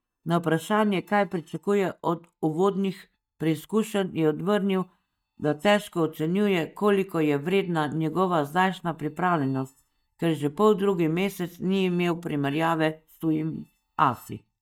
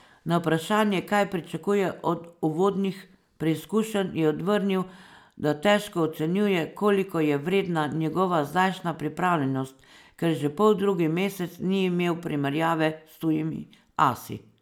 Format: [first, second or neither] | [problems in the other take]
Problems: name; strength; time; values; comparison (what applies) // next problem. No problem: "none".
second | noise reduction (neural mask model DeepFilterNet 3)